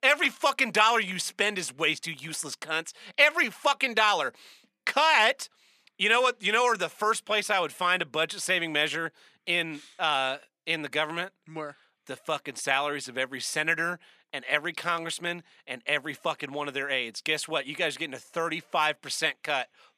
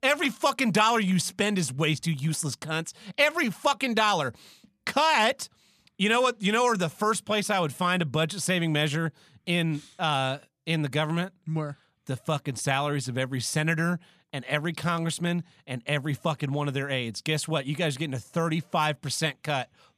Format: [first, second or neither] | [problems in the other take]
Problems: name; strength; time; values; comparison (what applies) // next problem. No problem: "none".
second | thin; somewhat; fading below 400 Hz